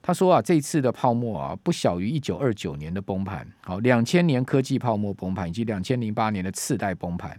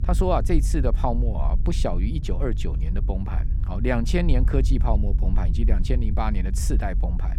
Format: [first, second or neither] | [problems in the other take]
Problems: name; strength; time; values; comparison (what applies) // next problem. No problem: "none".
first | low rumble; noticeable; throughout; 15 dB below the speech